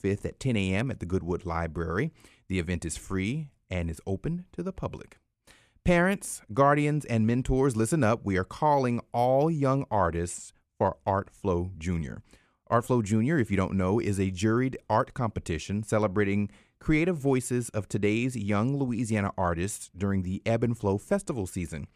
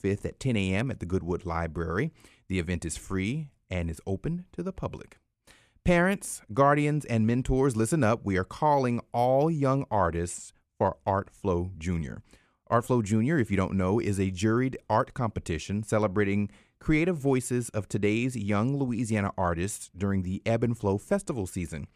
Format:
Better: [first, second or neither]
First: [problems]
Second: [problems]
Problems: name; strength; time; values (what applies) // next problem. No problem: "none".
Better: neither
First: none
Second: none